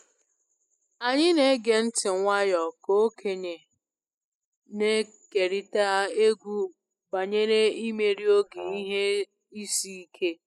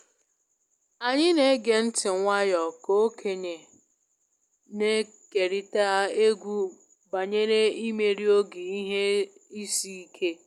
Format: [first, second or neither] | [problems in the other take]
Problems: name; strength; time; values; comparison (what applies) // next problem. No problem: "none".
second | noise reduction (classical method spectral subtraction)